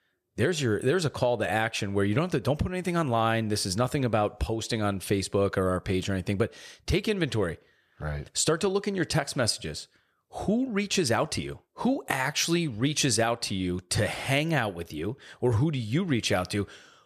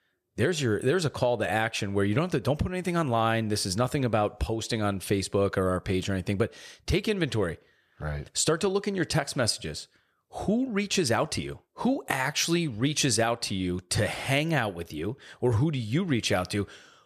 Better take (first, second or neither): neither